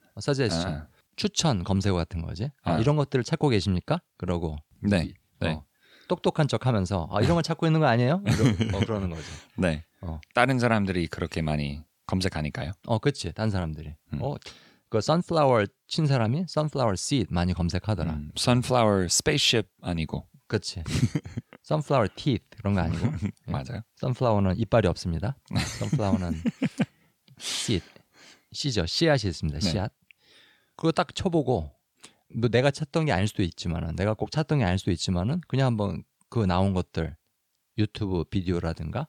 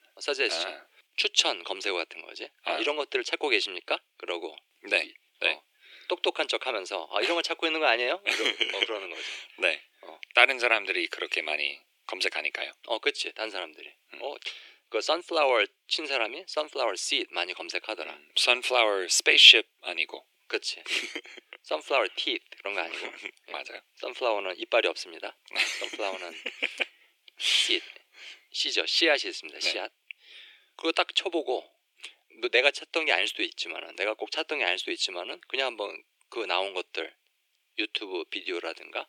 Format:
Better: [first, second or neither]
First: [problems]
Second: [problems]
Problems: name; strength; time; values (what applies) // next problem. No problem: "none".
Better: first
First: none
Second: thin; very; fading below 350 Hz